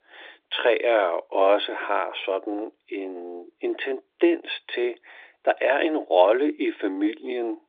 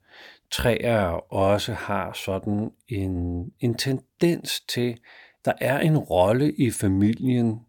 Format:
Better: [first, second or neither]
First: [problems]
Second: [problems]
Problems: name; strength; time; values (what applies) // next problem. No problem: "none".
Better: second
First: phone-call audio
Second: none